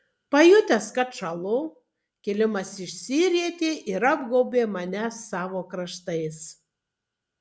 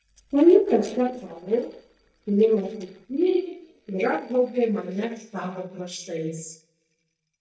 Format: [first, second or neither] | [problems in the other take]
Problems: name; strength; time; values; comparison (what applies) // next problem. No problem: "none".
first | noise reduction (neural mask model DeepFilterNet 3)